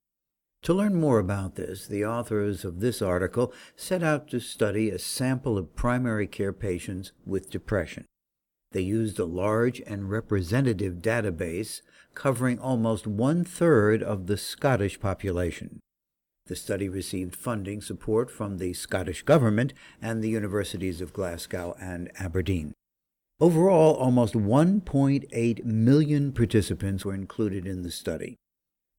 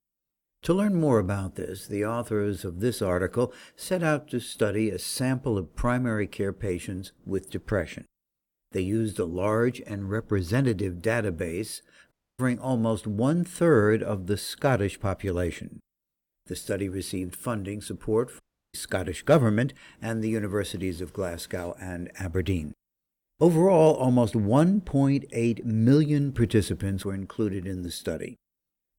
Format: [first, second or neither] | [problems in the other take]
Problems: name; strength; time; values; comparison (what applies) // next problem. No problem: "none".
first | audio cutting out; at 12 s and at 18 s